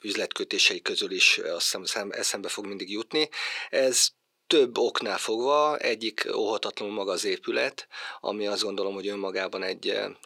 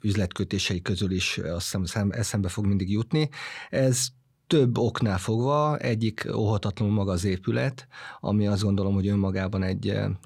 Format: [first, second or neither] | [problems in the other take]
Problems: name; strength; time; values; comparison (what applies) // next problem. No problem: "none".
second | thin; very; fading below 350 Hz